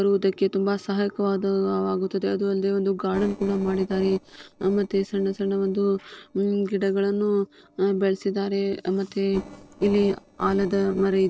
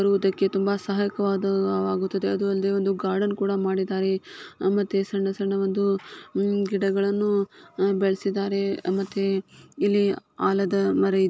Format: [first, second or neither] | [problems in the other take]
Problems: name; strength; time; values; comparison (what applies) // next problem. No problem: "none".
second | noise reduction (neural separator model SepFormer DNS4)